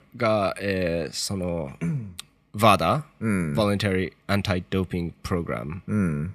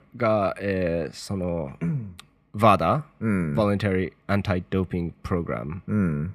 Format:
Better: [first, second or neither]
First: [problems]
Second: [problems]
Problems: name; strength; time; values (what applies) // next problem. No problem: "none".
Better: first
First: none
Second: muffled; slightly; fading above 2.5 kHz